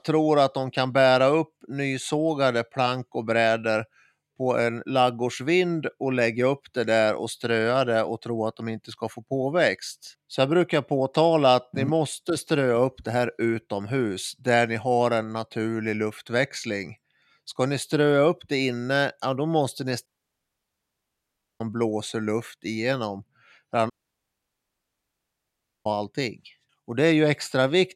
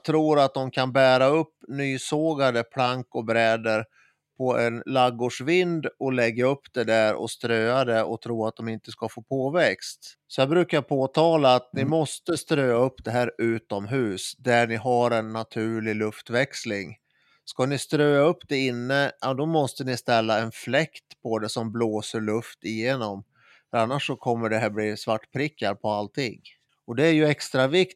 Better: second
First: audio cutting out; at 20 s for 1.5 s and at 24 s for 2 s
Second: none

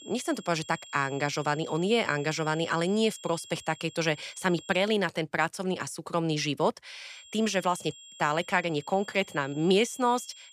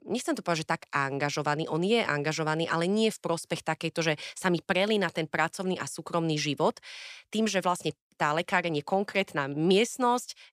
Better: second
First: high-pitched whine; noticeable; until 5 s and from 7 s on; 3.5 kHz, 20 dB below the speech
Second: none

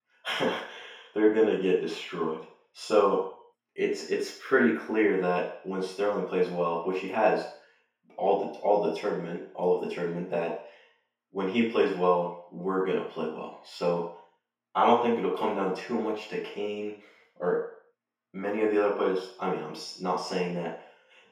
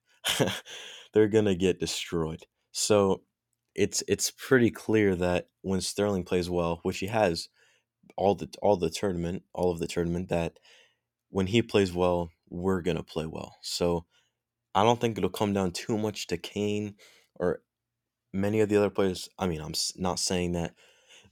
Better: second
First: room echo; noticeable; dies away in 0.6 s // off-mic speech; far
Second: none

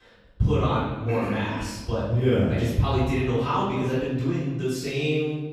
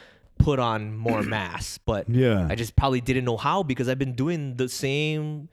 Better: second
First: off-mic speech; far // room echo; strong; dies away in 1.2 s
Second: none

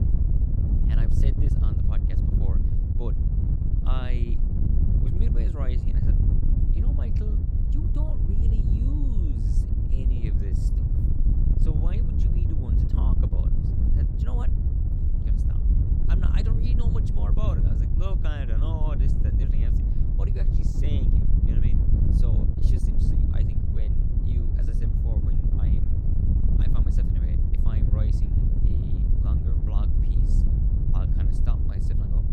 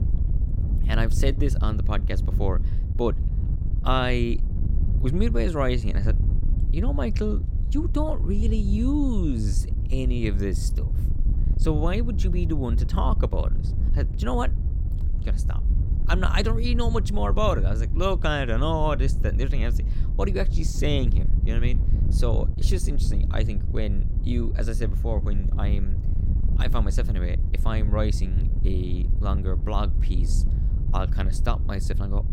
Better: second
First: wind noise on the microphone; heavy; 4 dB above the speech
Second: wind noise on the microphone; occasional gusts; 10 dB below the speech

